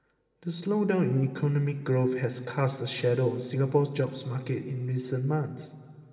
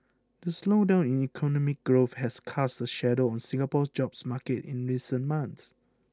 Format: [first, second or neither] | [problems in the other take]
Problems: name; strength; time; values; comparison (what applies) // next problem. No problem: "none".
second | room echo; dies away in 2.5 s